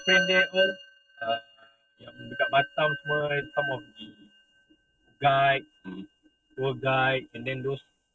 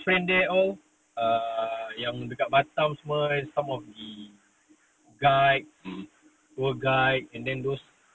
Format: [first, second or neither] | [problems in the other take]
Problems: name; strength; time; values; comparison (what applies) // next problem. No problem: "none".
second | noise reduction (neural mask model RNNoise)